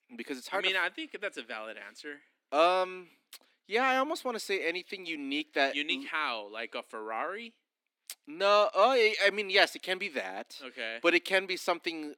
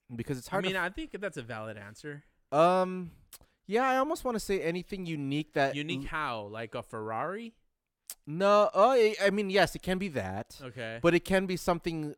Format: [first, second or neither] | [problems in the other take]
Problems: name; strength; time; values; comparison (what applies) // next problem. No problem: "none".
second | thin; very slightly; fading below 250 Hz